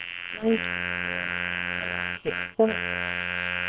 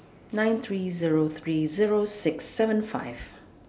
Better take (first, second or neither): second